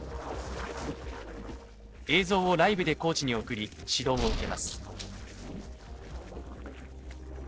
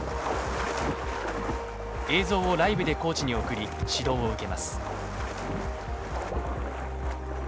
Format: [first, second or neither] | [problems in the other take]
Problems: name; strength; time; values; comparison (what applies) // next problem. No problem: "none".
second | noise reduction (neural separator model SepFormer DNS4)